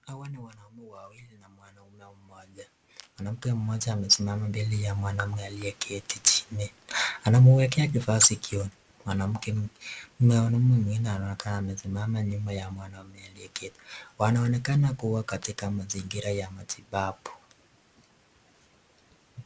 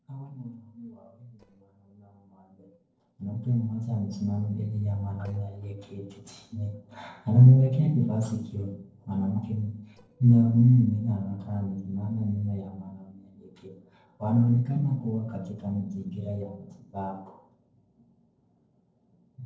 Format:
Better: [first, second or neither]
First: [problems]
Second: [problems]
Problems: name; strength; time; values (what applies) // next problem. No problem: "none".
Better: first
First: none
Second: noise reduction (neural separator model SepFormer DNS4)